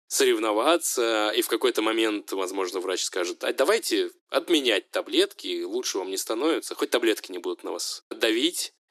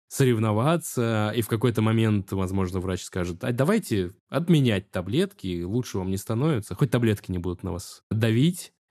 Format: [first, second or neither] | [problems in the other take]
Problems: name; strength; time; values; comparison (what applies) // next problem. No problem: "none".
second | thin; very; fading below 300 Hz